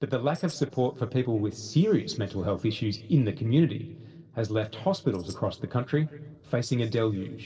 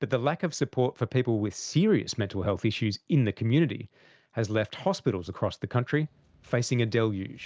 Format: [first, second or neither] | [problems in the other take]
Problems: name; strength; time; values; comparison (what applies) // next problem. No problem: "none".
second | noise reduction (neural separator model SepFormer DNS4)